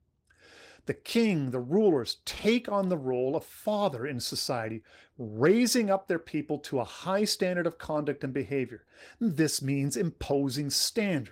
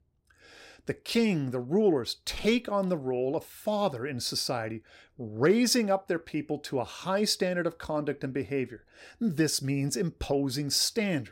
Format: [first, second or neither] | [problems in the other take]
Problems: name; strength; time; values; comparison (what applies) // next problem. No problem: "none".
second | garbled, watery; slightly; nothing above 16 kHz